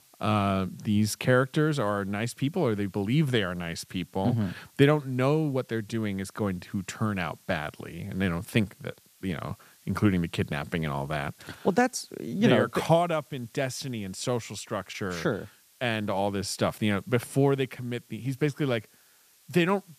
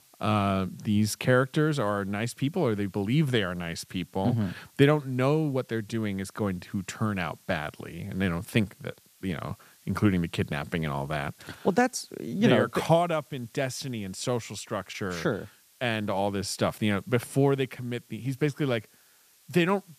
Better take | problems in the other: neither | hiss; faint; throughout; 30 dB below the speech; the same in both

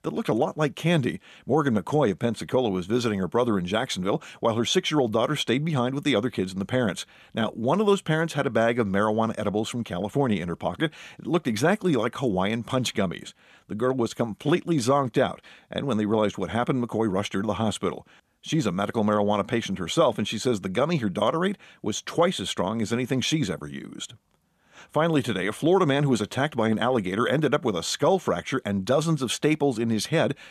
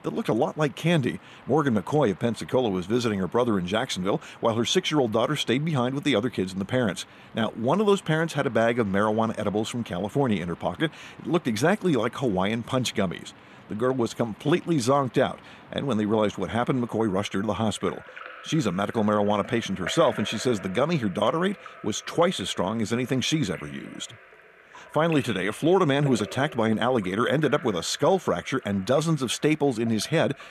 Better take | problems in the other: first | rain or running water; faint; throughout; 20 dB below the speech

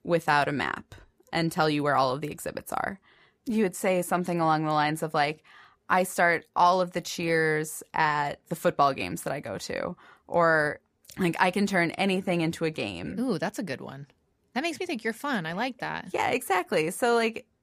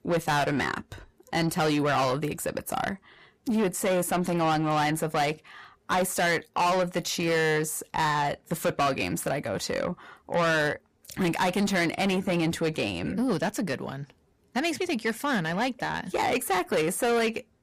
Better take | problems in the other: first | distortion; heavy; 7 dB below the speech

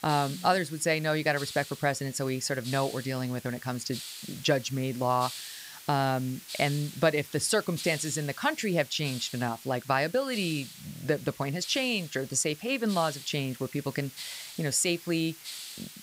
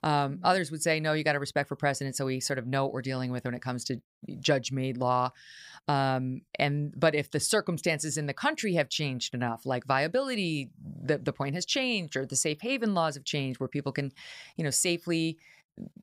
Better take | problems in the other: second | hiss; noticeable; throughout; 15 dB below the speech

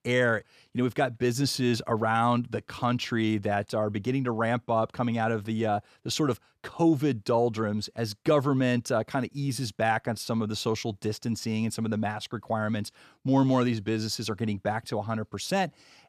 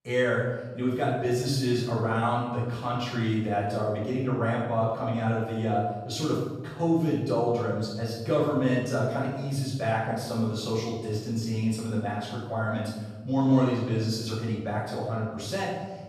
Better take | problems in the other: first | off-mic speech; far // room echo; noticeable; dies away in 1.2 s

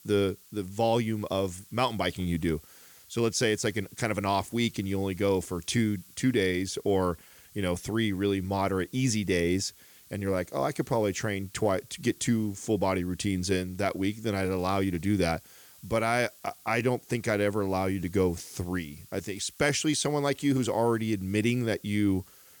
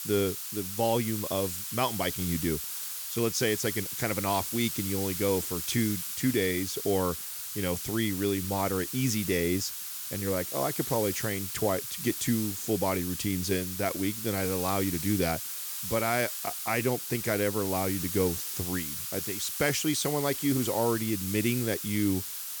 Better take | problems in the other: first | hiss; loud; throughout; 3 dB below the speech; faint in the first

